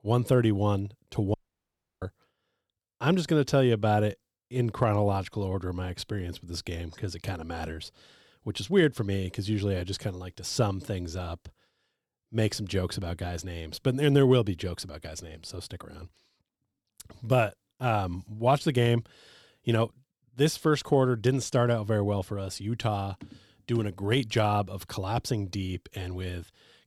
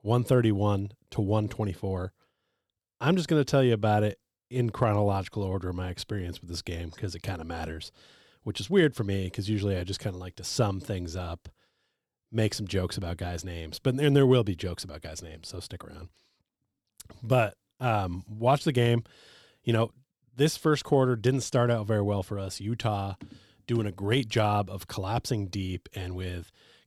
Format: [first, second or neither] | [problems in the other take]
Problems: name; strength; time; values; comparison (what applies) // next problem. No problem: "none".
second | audio cutting out; at 1.5 s for 0.5 s